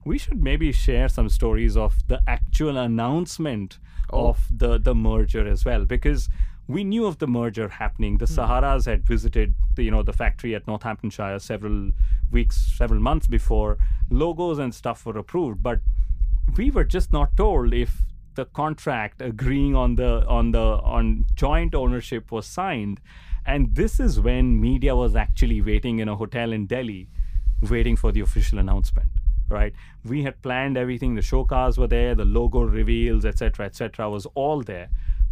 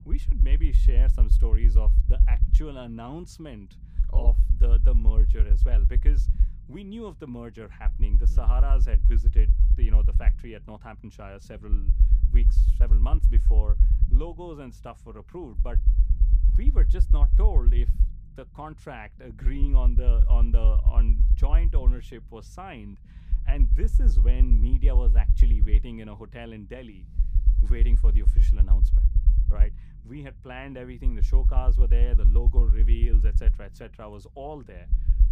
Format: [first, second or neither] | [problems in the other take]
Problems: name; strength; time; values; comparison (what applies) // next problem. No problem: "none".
first | low rumble; loud; throughout; 5 dB below the speech; faint in the first